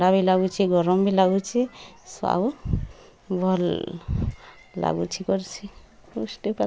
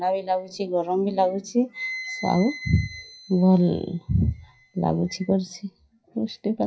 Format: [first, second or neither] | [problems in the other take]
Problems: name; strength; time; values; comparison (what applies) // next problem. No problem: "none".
first | noise reduction (classical method WPE with log-MMSE)